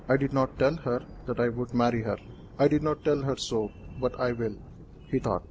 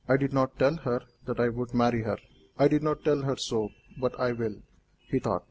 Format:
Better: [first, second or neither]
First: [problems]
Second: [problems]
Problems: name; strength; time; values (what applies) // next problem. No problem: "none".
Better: second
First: background sound (Thunder); 17 dB below the speech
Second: none